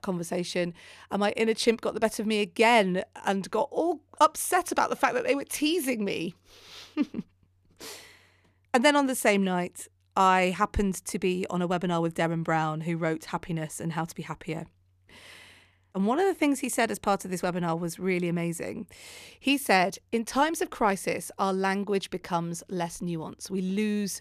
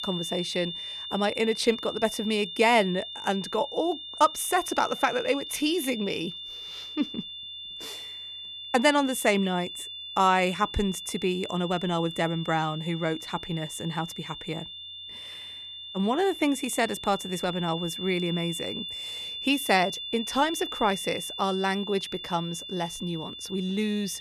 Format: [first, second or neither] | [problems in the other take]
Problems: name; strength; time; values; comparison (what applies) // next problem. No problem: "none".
first | high-pitched whine; loud; throughout; 3.5 kHz, 8 dB below the speech